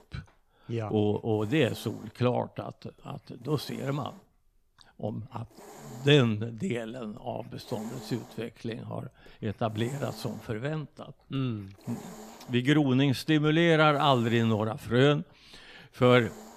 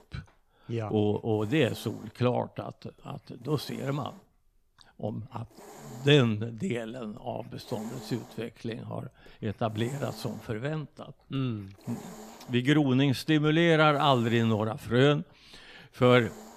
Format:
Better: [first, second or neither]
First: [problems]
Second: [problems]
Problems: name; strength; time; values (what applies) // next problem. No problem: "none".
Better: neither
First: hiss; faint; throughout; 20 dB below the speech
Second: hiss; faint; throughout; 20 dB below the speech